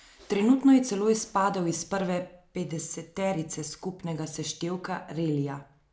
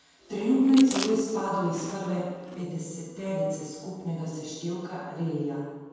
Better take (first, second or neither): first